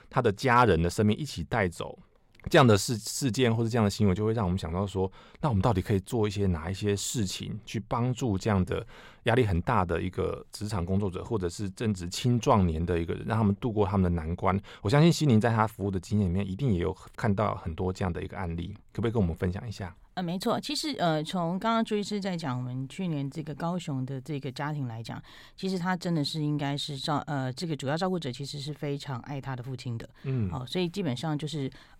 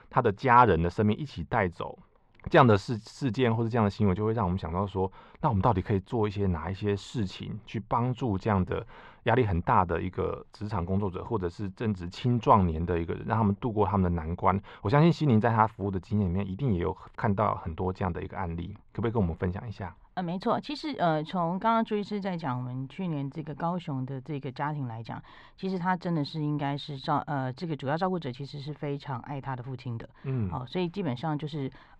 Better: first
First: none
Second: muffled; slightly; fading above 3 kHz

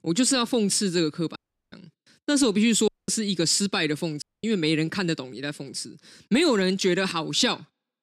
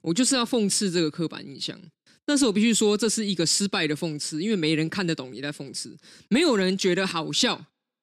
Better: second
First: audio cutting out; at 1.5 s, at 3 s and at 4 s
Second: none

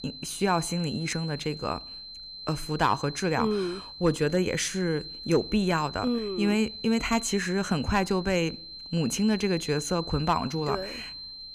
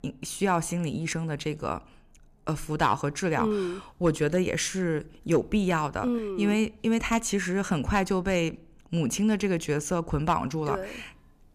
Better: second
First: high-pitched whine; noticeable; throughout; 4 kHz, 10 dB below the speech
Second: none

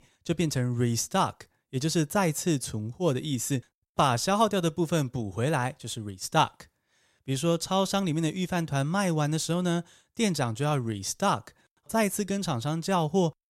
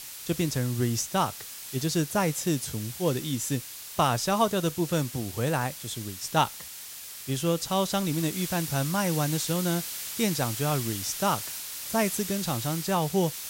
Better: first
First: none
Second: hiss; loud; throughout; 7 dB below the speech

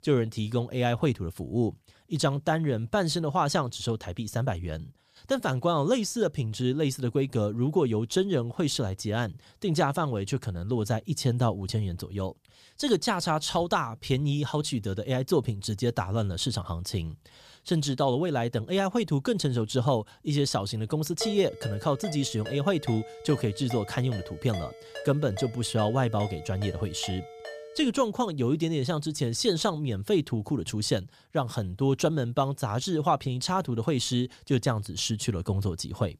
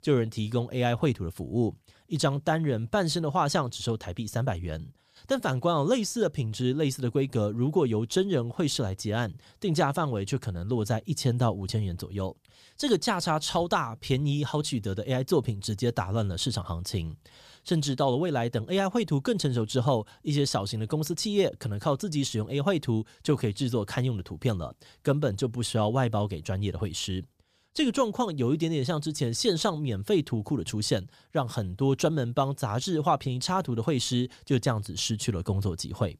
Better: second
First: phone ringing; noticeable; from 21 to 28 s; peak 8 dB below the speech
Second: none

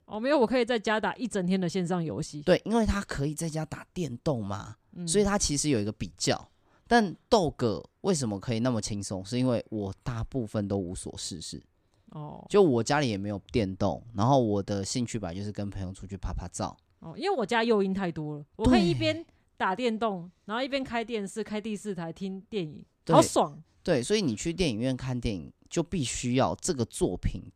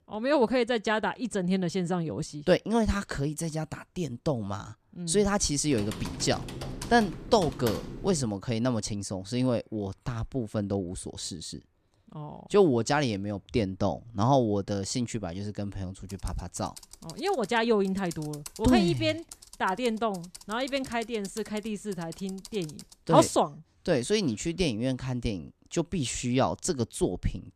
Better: first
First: none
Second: keyboard typing; noticeable; from 5.5 to 8.5 s; peak 8 dB below the speech // keyboard typing; faint; from 16 to 23 s; peak 15 dB below the speech

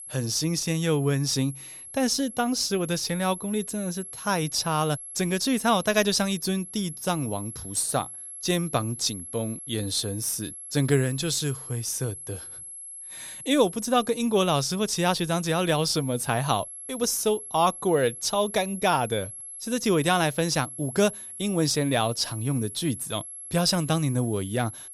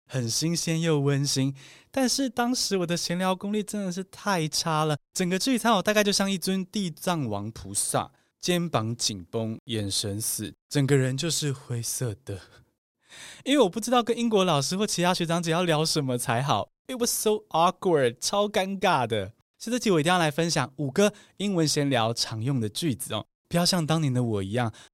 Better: second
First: high-pitched whine; noticeable; throughout; 11 kHz, 10 dB below the speech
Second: none

